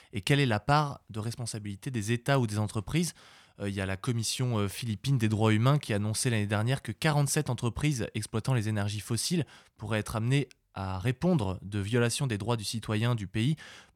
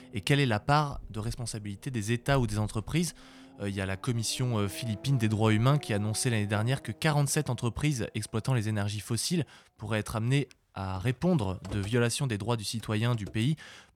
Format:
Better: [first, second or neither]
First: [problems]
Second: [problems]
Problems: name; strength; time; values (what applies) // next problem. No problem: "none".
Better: first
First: none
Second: traffic noise; faint; throughout; 20 dB below the speech